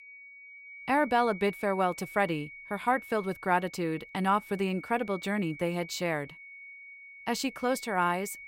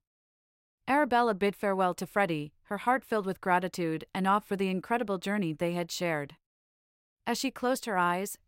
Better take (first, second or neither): second